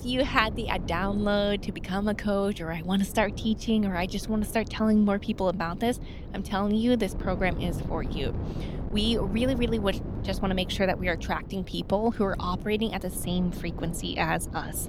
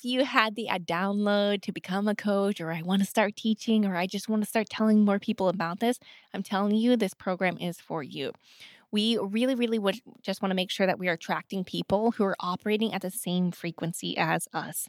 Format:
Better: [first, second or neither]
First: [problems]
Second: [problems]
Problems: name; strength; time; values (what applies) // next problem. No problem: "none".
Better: second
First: wind noise on the microphone; occasional gusts; 15 dB below the speech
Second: none